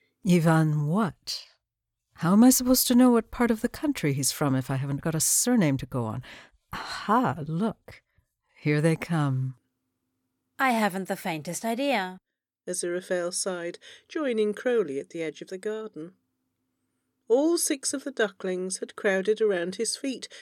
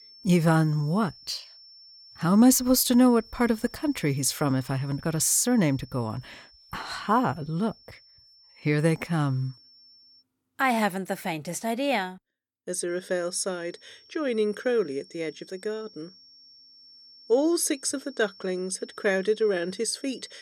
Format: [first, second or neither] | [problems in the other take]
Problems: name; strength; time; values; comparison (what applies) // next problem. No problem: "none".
first | high-pitched whine; faint; until 10 s and from 13 s on; 5.5 kHz, 25 dB below the speech